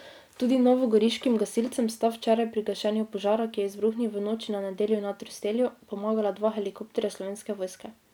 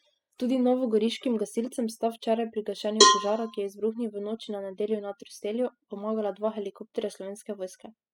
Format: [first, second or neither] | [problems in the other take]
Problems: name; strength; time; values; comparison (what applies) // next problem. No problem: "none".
first | noise reduction (classical method spectral subtraction)